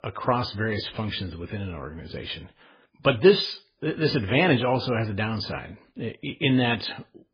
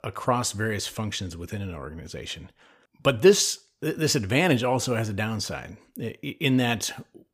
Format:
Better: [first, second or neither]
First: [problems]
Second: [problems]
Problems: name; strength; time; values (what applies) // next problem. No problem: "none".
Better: second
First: garbled, watery; badly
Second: none